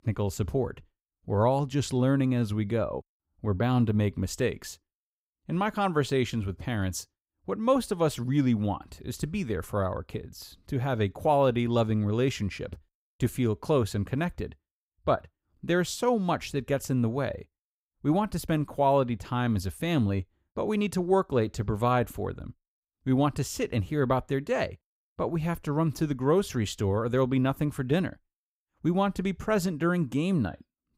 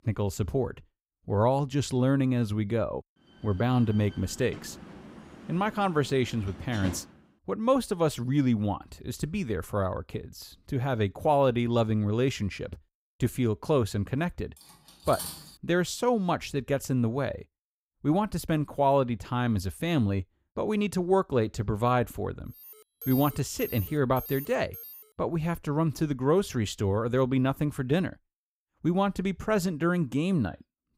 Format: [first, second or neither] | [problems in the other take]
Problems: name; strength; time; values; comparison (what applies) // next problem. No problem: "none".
first | door banging; noticeable; from 3.5 to 7 s; peak 9 dB below the speech // clattering dishes; noticeable; at 15 s; peak 8 dB below the speech // alarm; noticeable; from 23 to 25 s; peak 8 dB below the speech